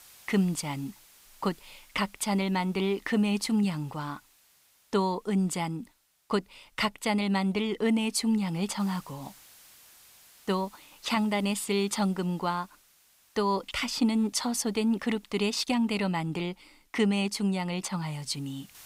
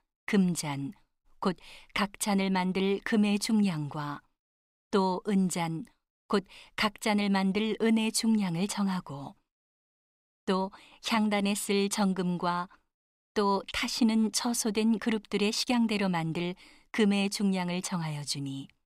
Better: second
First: hiss; faint; throughout; 25 dB below the speech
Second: none

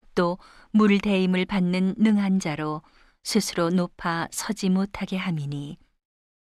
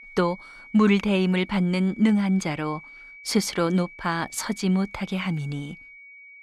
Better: first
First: none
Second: high-pitched whine; noticeable; throughout; 2.5 kHz, 20 dB below the speech

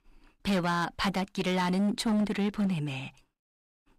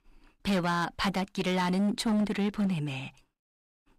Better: neither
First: distortion; slight; 12% of the sound clipped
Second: distortion; slight; 12% of the sound clipped

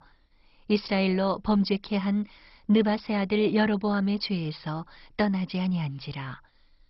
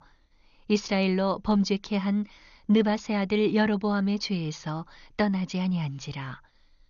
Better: second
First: garbled, watery; badly; nothing above 5 kHz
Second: garbled, watery; slightly; nothing above 6.5 kHz

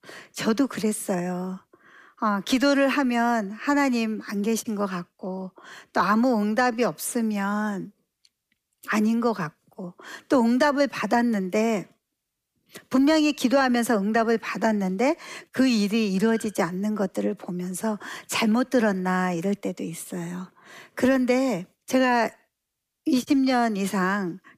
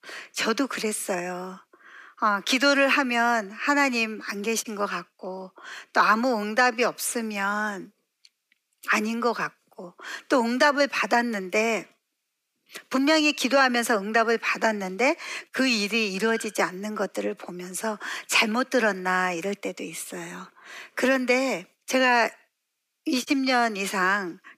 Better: first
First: none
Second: thin; very slightly; fading below 300 Hz

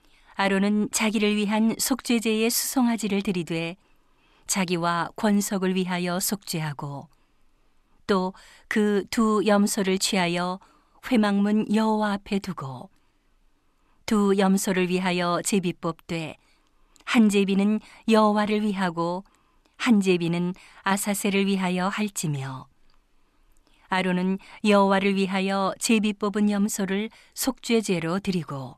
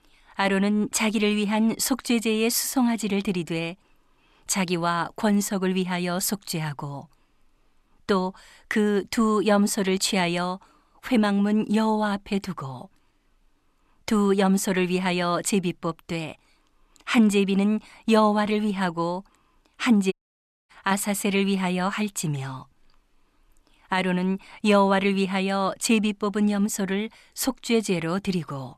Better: first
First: none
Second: audio cutting out; at 20 s for 0.5 s

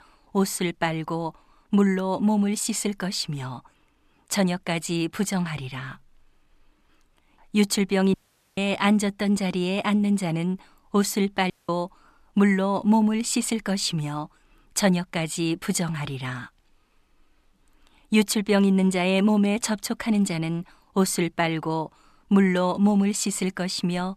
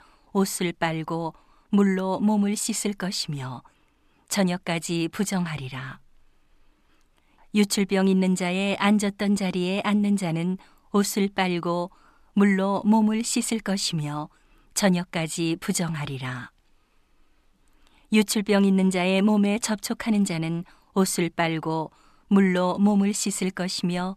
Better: second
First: audio cutting out; at 8 s and at 12 s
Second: none

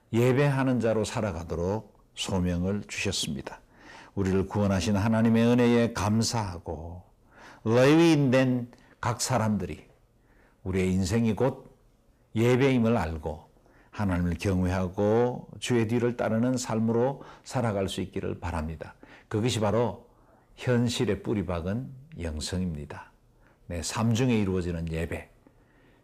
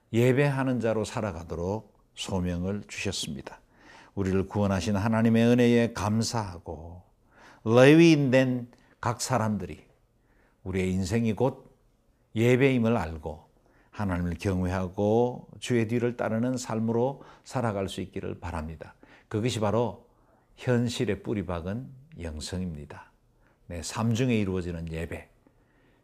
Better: second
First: distortion; slight; 10 dB below the speech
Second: none

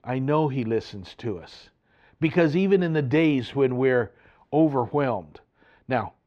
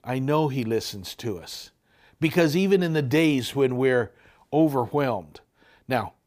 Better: second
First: muffled; slightly; fading above 2.5 kHz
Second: none

